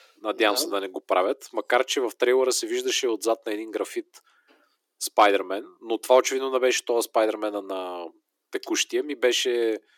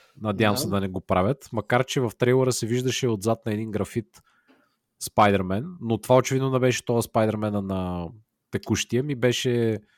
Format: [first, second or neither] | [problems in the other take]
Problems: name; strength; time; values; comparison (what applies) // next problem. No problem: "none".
second | thin; very; fading below 300 Hz